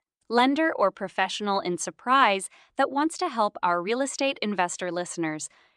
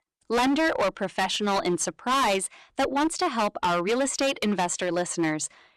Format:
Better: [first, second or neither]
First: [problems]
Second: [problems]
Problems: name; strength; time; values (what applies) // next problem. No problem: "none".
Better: first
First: none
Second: distortion; heavy; 16% of the sound clipped